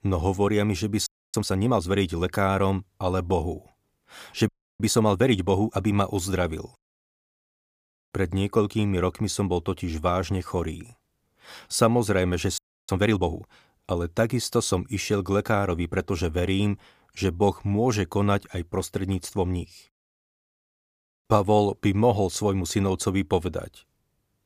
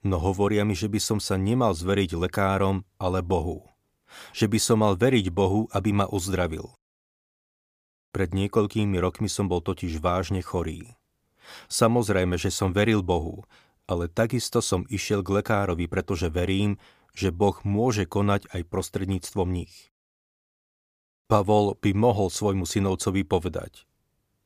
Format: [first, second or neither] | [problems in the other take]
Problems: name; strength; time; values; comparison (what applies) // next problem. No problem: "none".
second | audio freezing; at 1 s, at 4.5 s and at 13 s